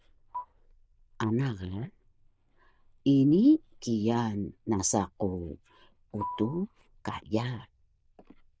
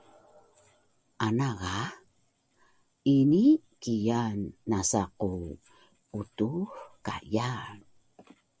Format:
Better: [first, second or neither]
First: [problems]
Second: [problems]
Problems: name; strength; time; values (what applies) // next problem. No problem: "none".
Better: second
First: noise reduction (neural diffusion model UNIVERSE++)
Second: none